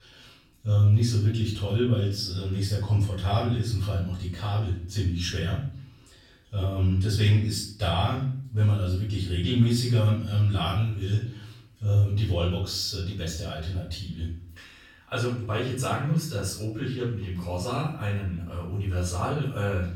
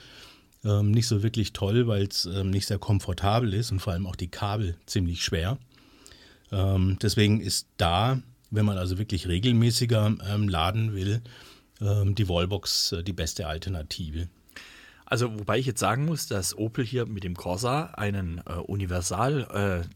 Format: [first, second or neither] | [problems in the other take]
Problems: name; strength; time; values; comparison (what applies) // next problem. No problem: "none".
second | off-mic speech; far // room echo; noticeable; dies away in 0.5 s